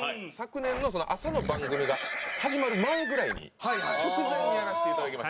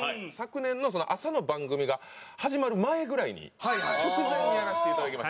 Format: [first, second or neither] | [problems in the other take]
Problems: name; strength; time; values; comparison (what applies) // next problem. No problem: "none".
second | background sound (Livestock, farm animals, working animals); 5 dB below the speech